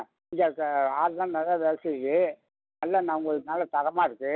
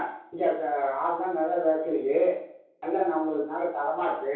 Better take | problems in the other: first | room echo; dies away in 0.6 s

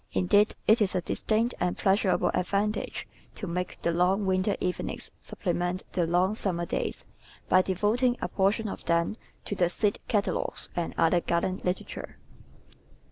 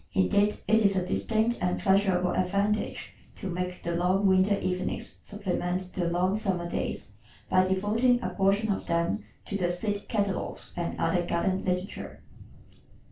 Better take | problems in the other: first | room echo; dies away in 0.2 s

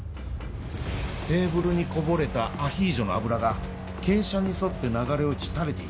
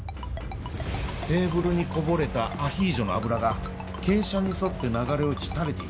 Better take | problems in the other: first | background sound (Ringtone); 17 dB below the speech

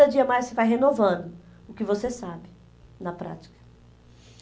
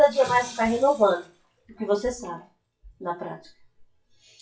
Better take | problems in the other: first | noise reduction (classical method WPE with log-MMSE)

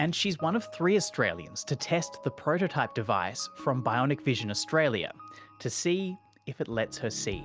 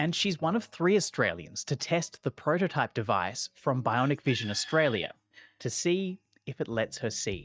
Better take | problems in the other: first | noise reduction (neural mask model DeepFilterNet 3)

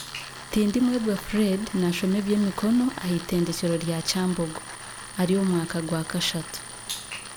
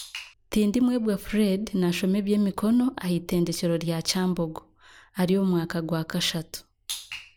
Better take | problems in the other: second | background sound (Tools); 14 dB below the speech

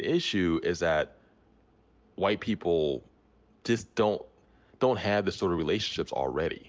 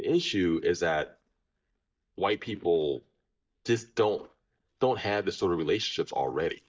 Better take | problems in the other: first | noise reduction (neural mask model DeepFilterNet 3)

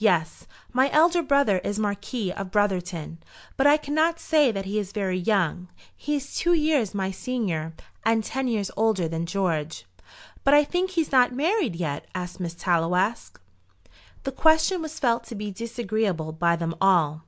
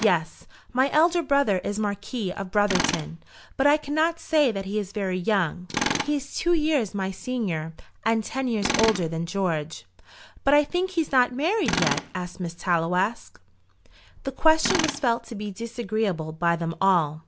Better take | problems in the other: first | background sound (Tools); 10 dB below the speech

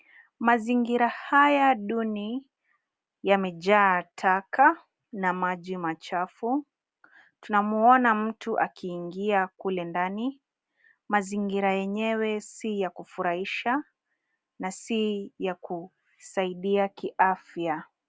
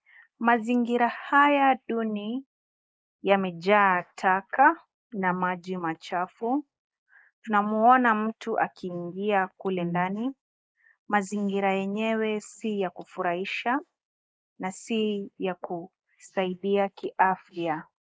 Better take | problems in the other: first | noise reduction (neural mask model Resemble Enhance denoiser)

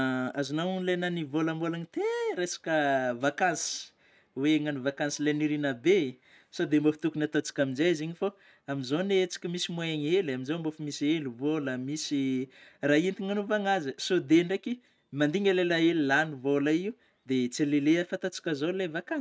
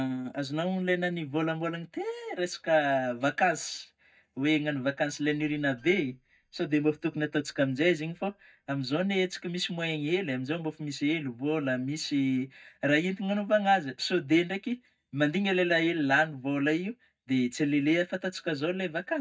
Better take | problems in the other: first | noise reduction (neural mask model DeepFilterNet 3)

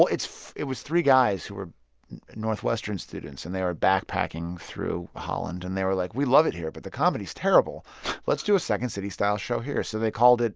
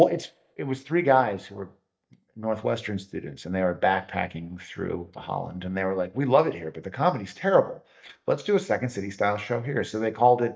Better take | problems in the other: first | noise reduction (neural mask model DeepFilterNet 3)

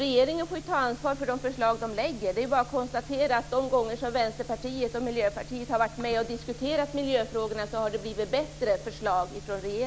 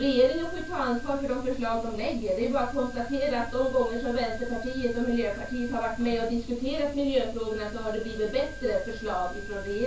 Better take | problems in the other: first | background sound (Wind instrument, woodwind instrument); 18 dB below the speech // room echo; dies away in 0.2 s

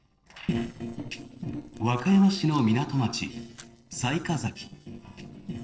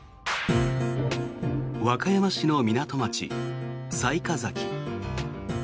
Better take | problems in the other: second | noise reduction (neural separator model SepFormer DNS4)

